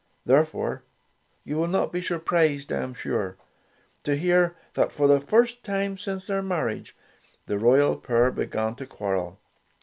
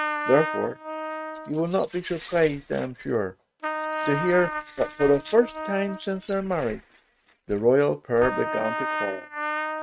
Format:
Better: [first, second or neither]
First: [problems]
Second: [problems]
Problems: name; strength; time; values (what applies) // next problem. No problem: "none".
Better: first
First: none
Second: noise reduction (neural mask model RNNoise)